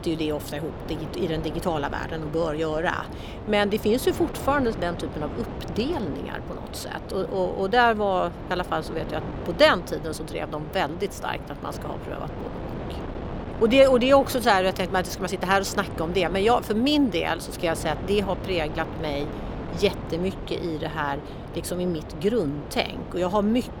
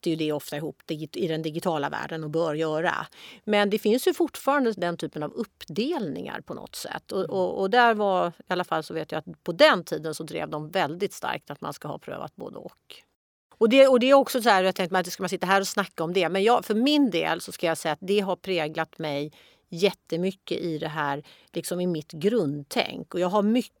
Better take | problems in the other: second | wind noise on the microphone; occasional gusts; 15 dB below the speech

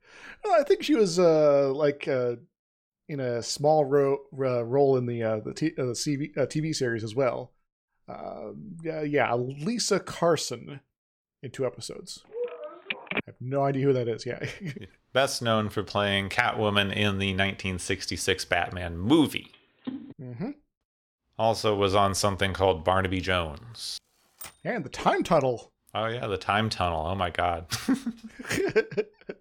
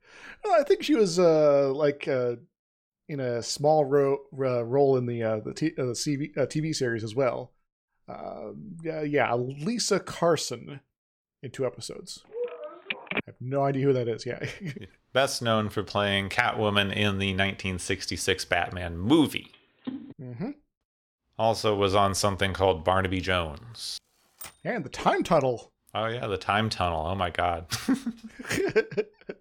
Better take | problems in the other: neither | phone ringing; noticeable; at 12 s; peak 5 dB below the speech; the same in both // phone ringing; faint; at 20 s; peak 10 dB below the speech; the same in both // keyboard typing; faint; at 24 s; peak 15 dB below the speech; the same in both

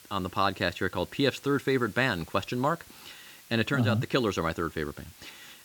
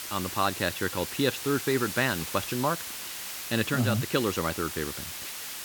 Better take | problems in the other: first | hiss; loud; throughout; 6 dB below the speech; faint in the first

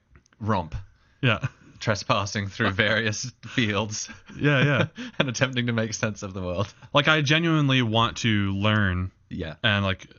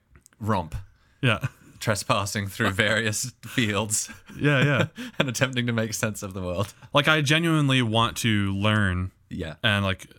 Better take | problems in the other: second | garbled, watery; slightly; nothing above 6.5 kHz

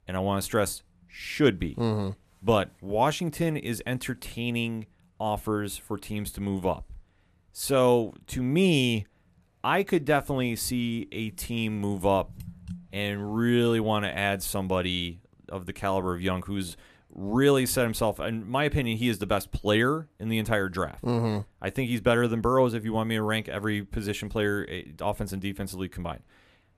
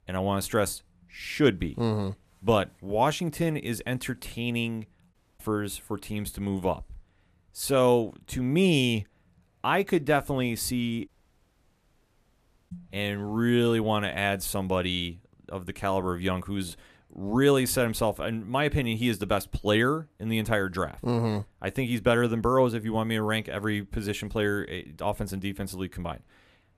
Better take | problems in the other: first | audio cutting out; at 5 s and at 11 s for 1.5 s

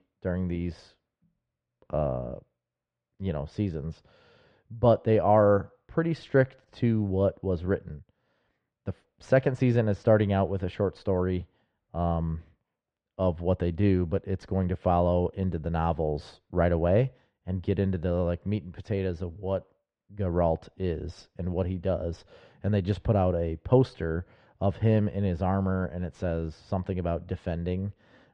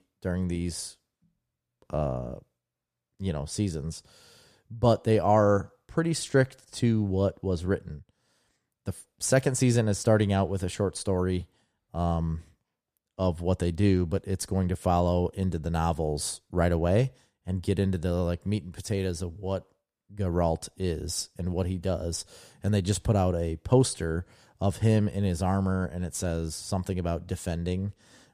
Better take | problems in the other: second | muffled; very; fading above 3 kHz

